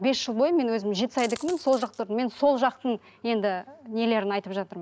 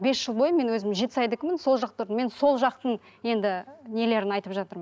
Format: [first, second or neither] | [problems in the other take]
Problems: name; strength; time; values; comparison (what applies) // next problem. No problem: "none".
second | background sound (Coin (dropping)); 18 dB below the speech